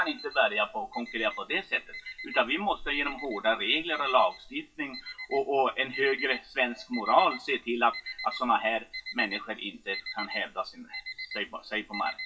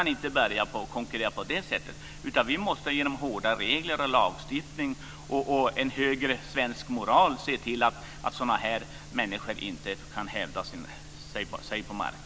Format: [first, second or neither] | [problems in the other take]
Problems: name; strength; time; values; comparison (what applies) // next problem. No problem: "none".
second | noise reduction (classical method WPE with log-MMSE)